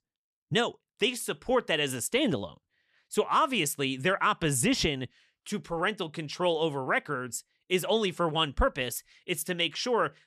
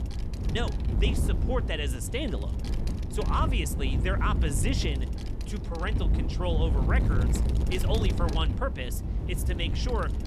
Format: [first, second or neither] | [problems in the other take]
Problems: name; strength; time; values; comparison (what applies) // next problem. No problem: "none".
first | wind noise on the microphone; heavy; 7 dB below the speech